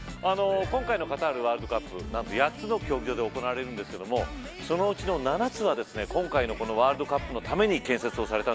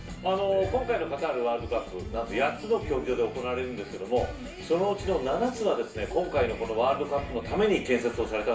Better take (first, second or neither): first